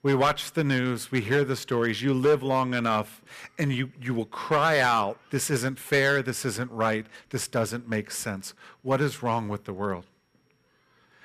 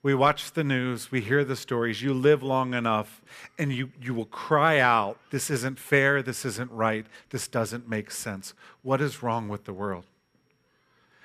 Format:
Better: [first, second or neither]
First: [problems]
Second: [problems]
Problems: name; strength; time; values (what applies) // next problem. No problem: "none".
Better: second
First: distortion; slight; 3% of the sound clipped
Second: none